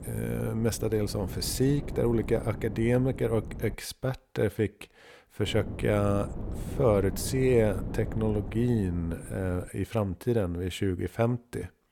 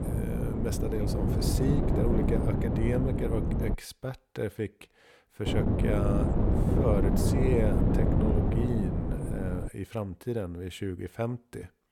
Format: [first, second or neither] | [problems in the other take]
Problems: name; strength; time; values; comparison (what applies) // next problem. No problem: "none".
first | wind noise on the microphone; heavy; until 3.5 s and from 5.5 to 9.5 s; 1 dB above the speech; occasional gusts in the first